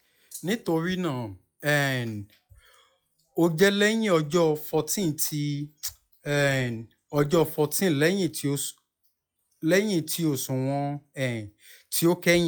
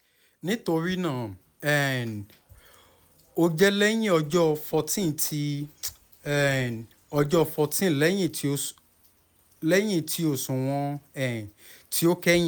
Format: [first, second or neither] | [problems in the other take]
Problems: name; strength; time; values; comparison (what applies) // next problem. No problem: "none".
second | noise reduction (classical method log-MMSE)